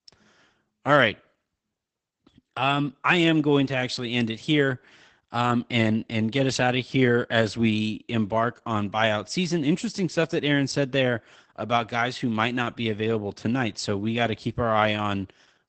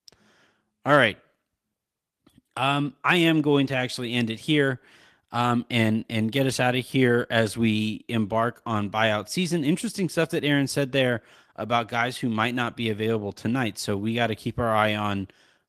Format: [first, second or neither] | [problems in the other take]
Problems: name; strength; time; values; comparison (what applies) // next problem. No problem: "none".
second | garbled, watery; badly; nothing above 8 kHz; slightly in the second